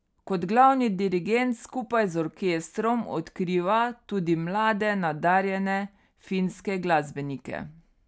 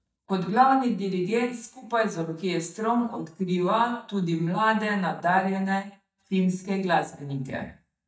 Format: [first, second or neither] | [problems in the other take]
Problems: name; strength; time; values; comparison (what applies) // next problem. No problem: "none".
first | noise reduction (neural mask model DeepFilterNet 3)